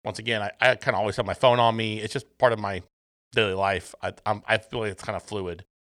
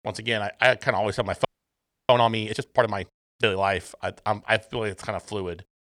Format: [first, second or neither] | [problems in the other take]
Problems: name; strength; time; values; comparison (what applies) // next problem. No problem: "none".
first | audio freezing; at 1.5 s for 0.5 s